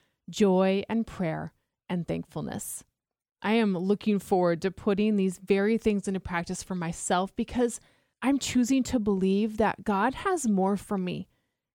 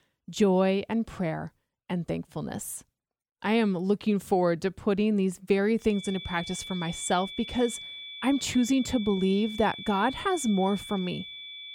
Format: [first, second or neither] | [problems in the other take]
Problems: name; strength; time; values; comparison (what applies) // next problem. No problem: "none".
first | high-pitched whine; noticeable; from 6 s on; 3.5 kHz, 10 dB below the speech